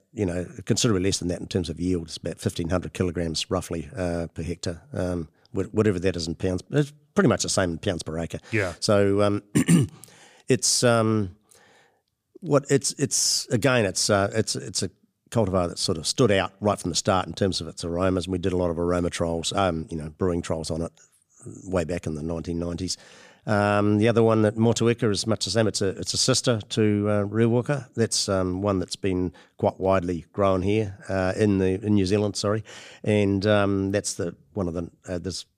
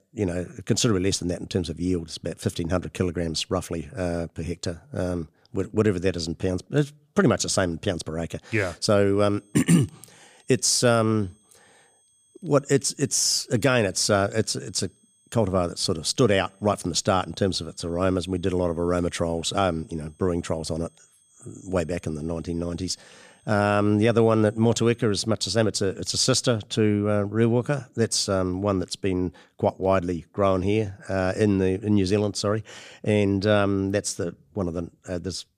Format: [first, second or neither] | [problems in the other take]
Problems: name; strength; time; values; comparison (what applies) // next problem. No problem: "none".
first | high-pitched whine; faint; from 9 to 25 s; 8.5 kHz, 35 dB below the speech